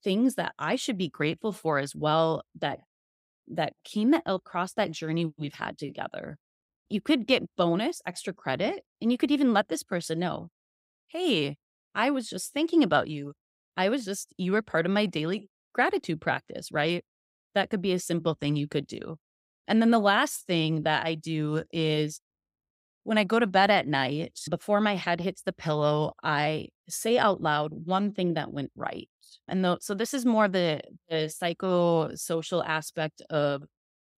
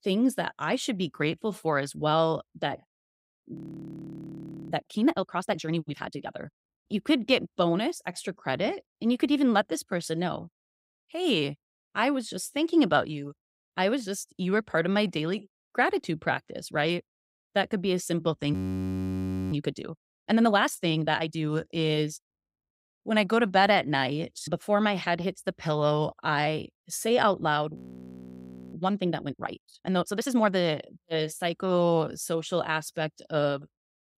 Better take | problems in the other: first | audio freezing; at 3.5 s for 1 s, at 19 s for 1 s and at 28 s for 1 s

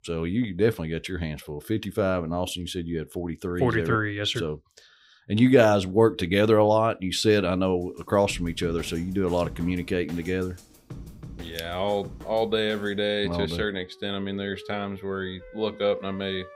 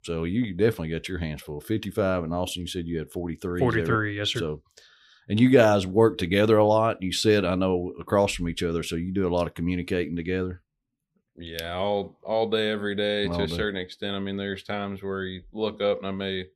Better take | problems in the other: second | background music; noticeable; from 8 s on; 20 dB below the speech

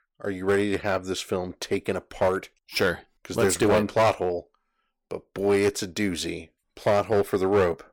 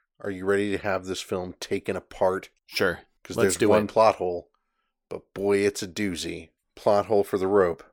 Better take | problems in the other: second | distortion; slight; 5% of the sound clipped

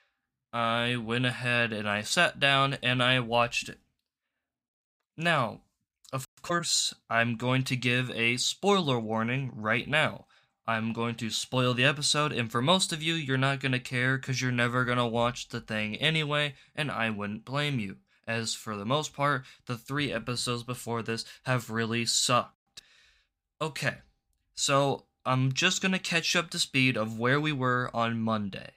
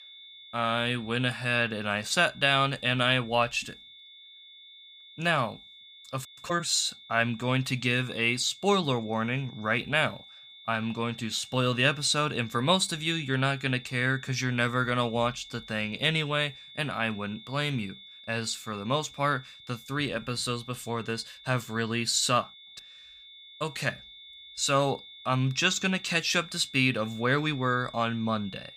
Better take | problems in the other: first | high-pitched whine; noticeable; throughout; 3.5 kHz, 20 dB below the speech

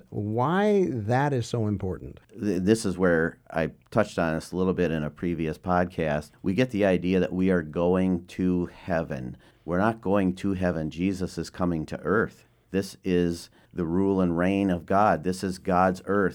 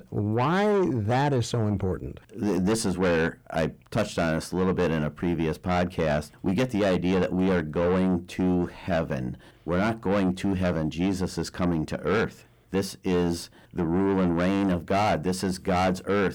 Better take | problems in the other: first | distortion; heavy; 8 dB below the speech

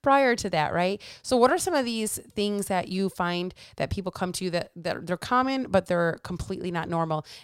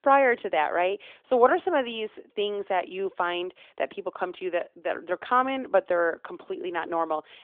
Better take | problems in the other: first | phone-call audio; nothing above 3.5 kHz

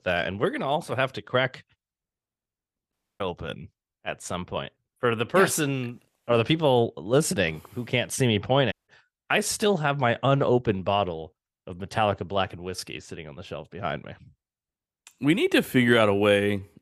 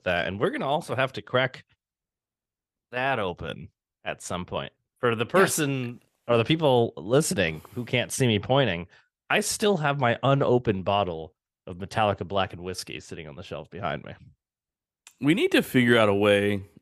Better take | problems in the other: second | audio cutting out; at 3 s and at 8.5 s

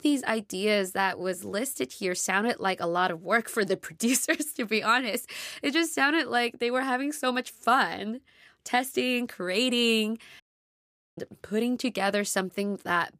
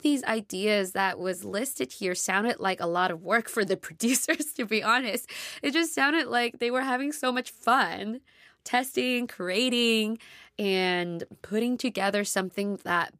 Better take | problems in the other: second | audio cutting out; at 10 s for 1 s

